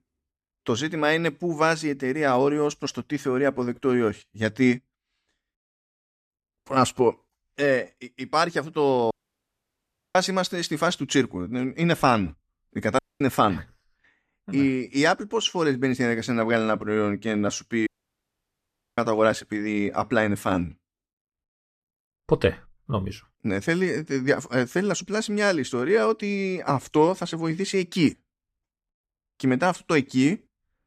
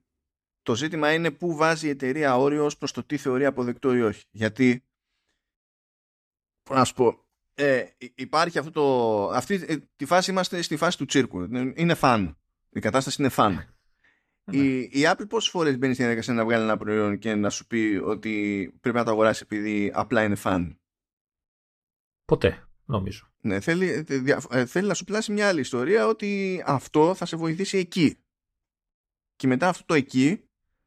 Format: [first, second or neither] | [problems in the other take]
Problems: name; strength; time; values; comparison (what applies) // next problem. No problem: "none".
second | audio cutting out; at 9 s for 1 s, at 13 s and at 18 s for 1 s